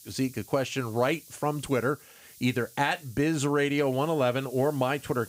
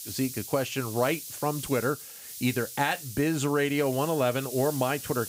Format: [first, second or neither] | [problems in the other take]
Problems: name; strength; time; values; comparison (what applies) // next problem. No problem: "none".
first | hiss; loud; throughout; 10 dB below the speech; faint in the first